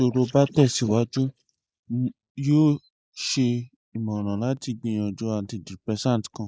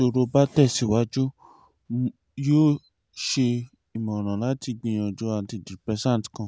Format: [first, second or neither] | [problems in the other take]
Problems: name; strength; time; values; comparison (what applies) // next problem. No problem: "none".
second | noise reduction (neural mask model Resemble Enhance denoiser)